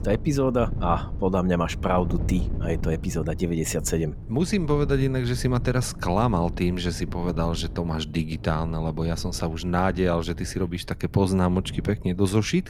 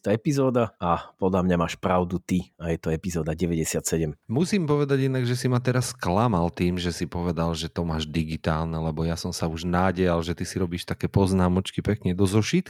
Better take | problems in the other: second | wind noise on the microphone; occasional gusts; 20 dB below the speech

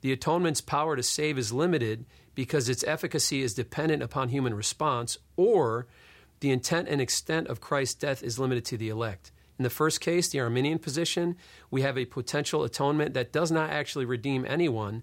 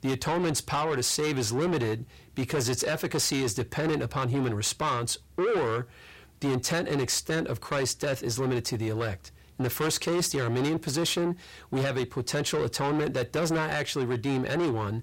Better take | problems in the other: first | distortion; heavy; 7 dB below the speech

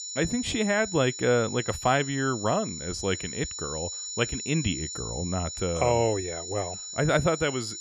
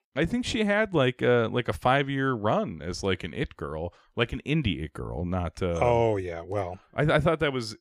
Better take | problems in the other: second | high-pitched whine; loud; throughout; 7 kHz, 7 dB below the speech

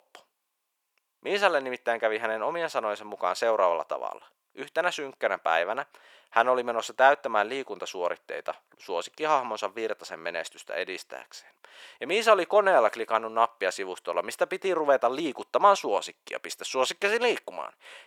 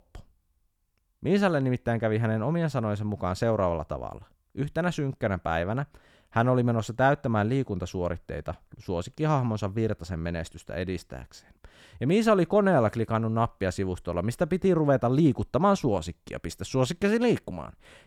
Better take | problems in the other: second | thin; very; fading below 500 Hz

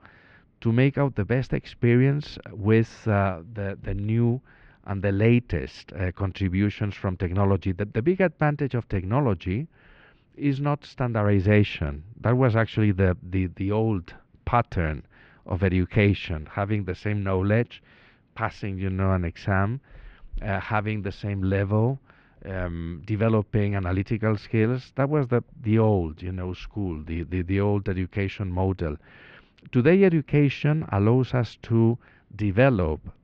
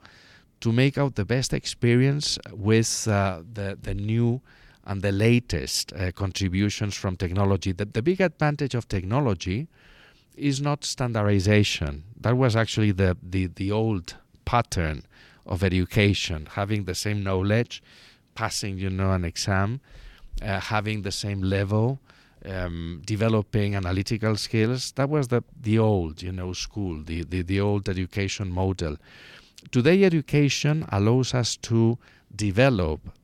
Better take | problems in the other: second | muffled; very; fading above 2.5 kHz

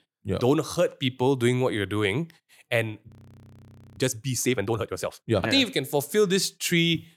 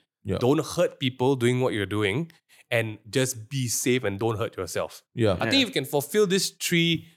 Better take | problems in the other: second | audio freezing; at 3 s for 1 s

